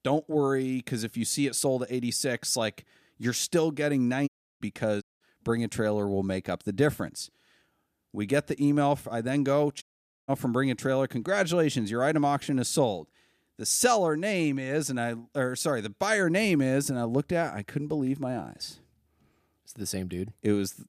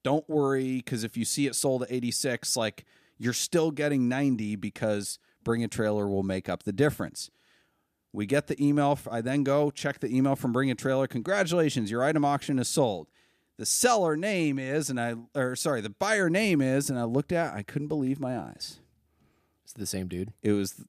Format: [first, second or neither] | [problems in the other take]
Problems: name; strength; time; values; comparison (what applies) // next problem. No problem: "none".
second | audio cutting out; at 4.5 s, at 5 s and at 10 s